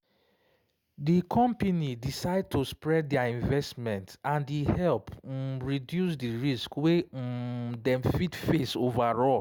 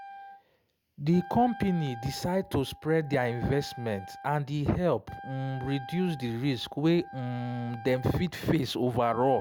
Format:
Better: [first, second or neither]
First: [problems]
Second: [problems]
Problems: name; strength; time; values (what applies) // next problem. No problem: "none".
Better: first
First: none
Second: background sound (Wind instrument, woodwind instrument); 16 dB below the speech